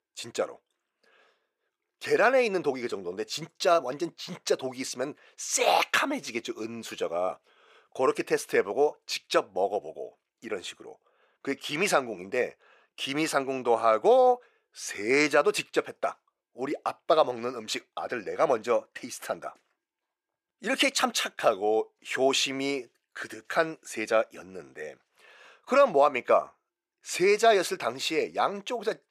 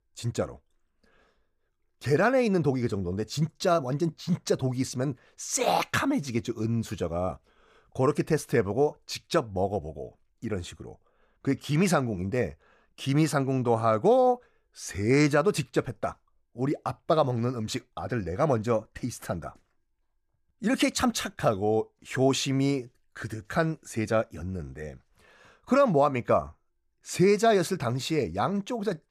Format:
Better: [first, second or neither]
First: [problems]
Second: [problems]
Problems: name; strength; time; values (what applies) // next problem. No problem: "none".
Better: second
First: thin; somewhat; fading below 450 Hz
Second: none